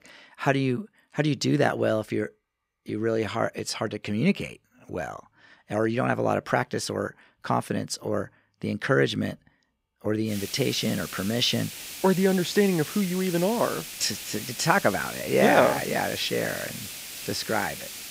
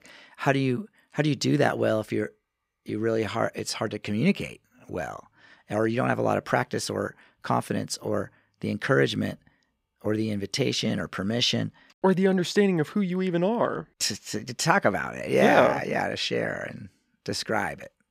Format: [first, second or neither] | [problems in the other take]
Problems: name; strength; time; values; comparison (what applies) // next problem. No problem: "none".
second | hiss; loud; from 10 s on; 9 dB below the speech